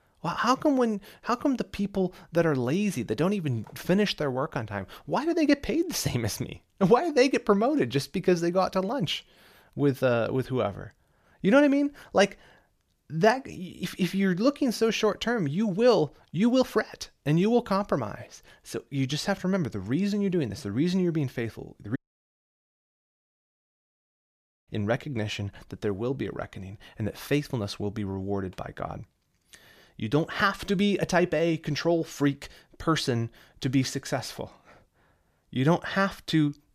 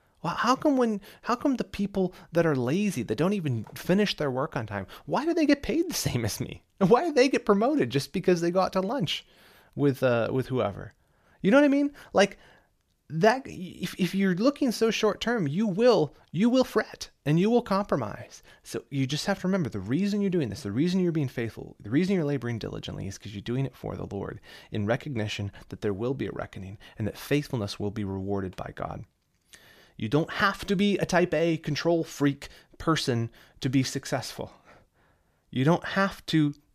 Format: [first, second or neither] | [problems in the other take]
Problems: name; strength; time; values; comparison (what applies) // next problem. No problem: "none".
second | audio cutting out; at 22 s for 2.5 s